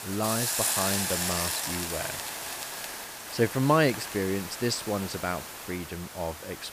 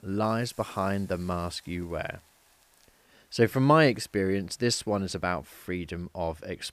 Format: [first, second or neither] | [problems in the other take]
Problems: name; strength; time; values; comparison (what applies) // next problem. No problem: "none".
second | hiss; loud; throughout; 1 dB below the speech; faint in the second